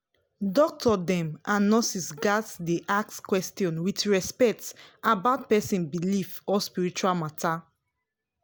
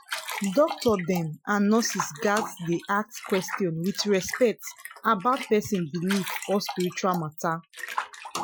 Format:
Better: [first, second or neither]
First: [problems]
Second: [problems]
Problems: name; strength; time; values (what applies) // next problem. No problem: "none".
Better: first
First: none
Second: noise reduction (classical method Wiener filter)